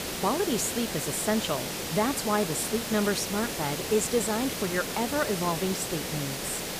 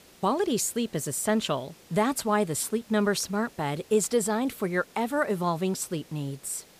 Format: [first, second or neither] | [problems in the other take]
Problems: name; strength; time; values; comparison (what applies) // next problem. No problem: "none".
second | hiss; loud; throughout; 3 dB below the speech; faint in the second